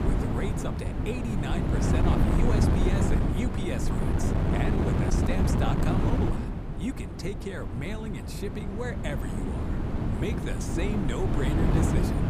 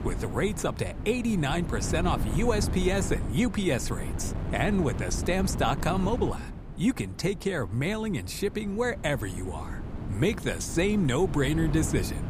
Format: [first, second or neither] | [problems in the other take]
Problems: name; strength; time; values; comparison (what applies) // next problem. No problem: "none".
second | wind noise on the microphone; heavy; 2 dB above the speech; occasional gusts in the second